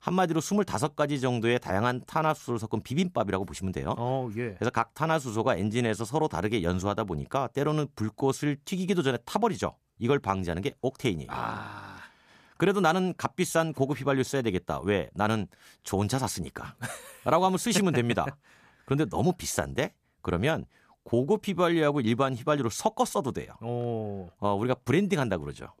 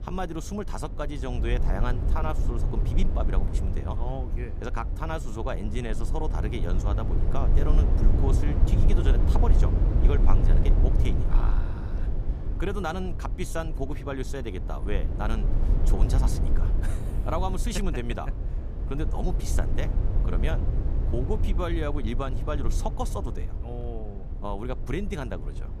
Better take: first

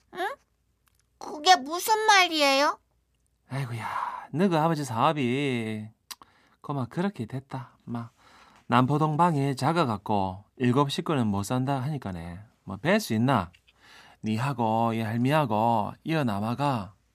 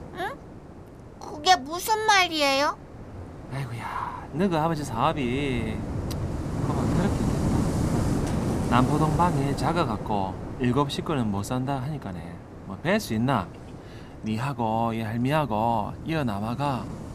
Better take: first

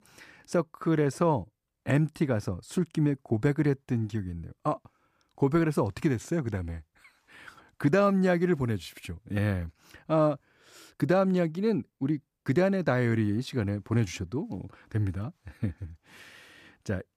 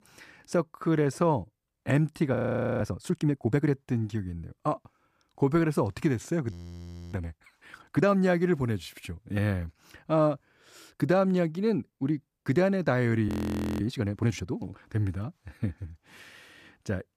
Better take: first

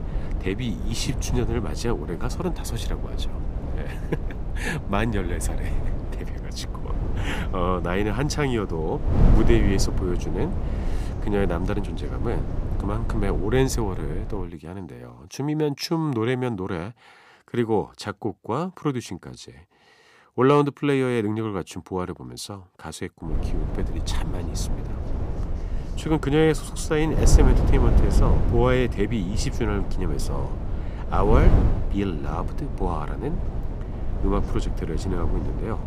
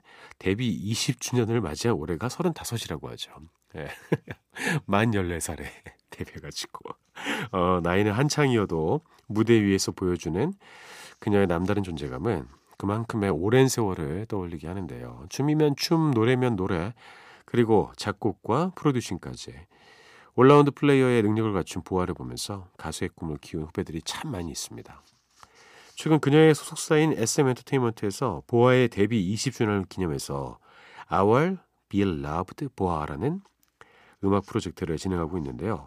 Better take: second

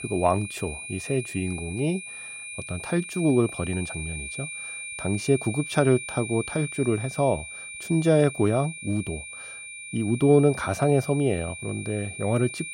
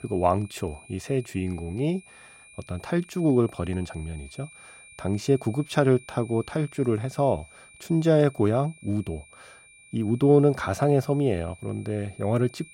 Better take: second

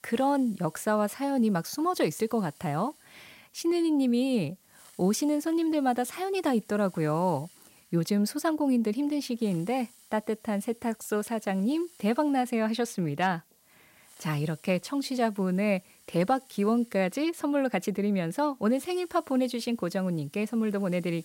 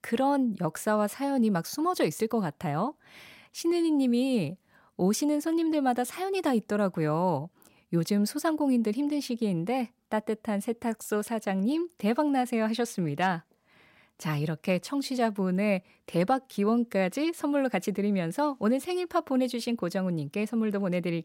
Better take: second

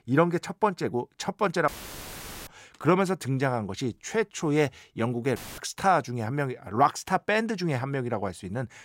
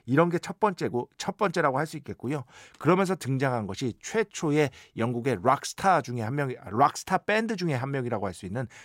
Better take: second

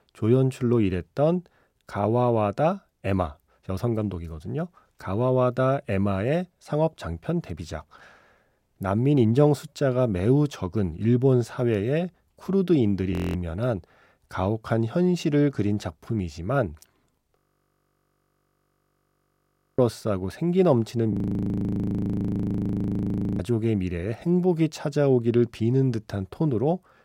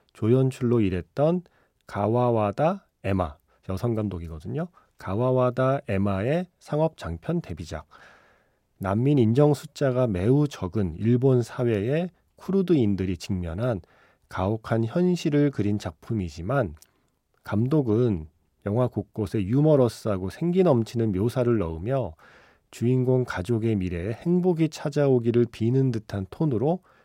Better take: second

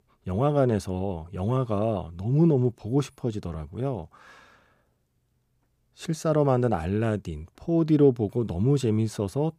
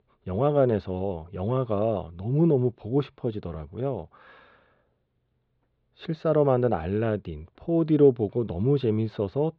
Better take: first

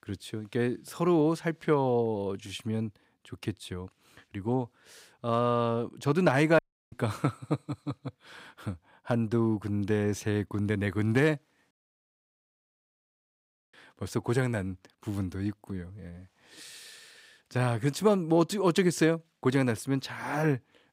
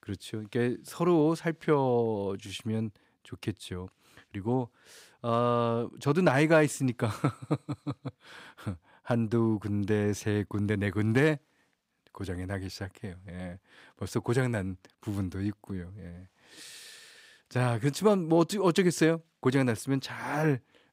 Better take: second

